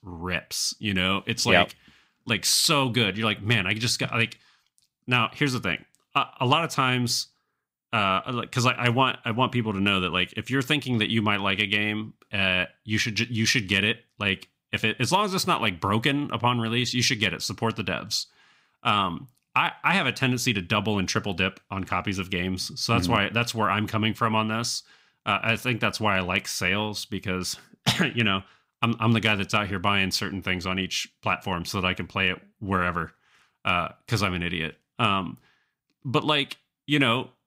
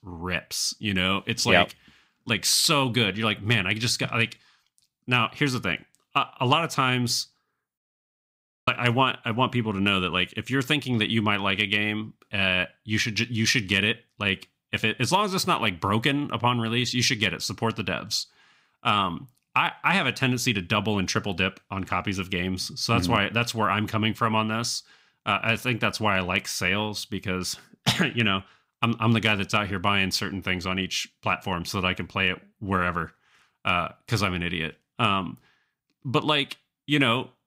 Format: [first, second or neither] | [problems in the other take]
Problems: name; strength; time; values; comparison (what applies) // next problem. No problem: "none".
first | audio cutting out; at 8 s for 1 s